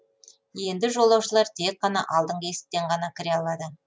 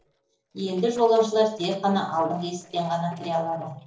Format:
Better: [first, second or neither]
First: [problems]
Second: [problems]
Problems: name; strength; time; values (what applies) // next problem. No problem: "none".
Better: first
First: none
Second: noise reduction (neural separator model SepFormer DNS4)